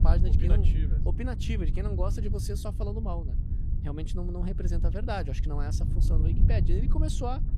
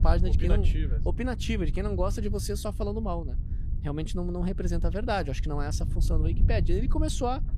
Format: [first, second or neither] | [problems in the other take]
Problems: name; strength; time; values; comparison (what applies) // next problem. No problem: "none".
second | wind noise on the microphone; heavy; 6 dB below the speech; occasional gusts in the second